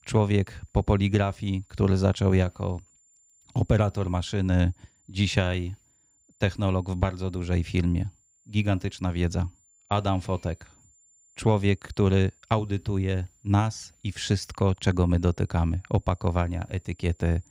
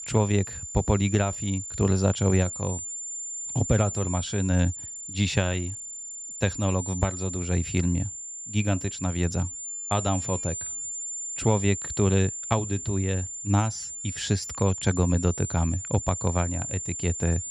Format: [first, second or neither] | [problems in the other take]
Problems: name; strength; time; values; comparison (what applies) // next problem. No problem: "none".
first | high-pitched whine; loud; throughout; 7 kHz, 6 dB below the speech; faint in the first